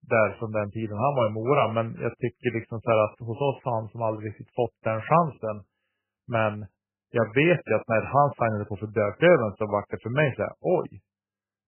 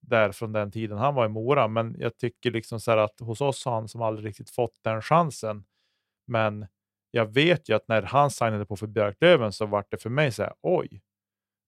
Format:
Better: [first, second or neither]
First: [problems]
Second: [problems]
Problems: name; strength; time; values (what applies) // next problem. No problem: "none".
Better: second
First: garbled, watery; badly; nothing above 3 kHz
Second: none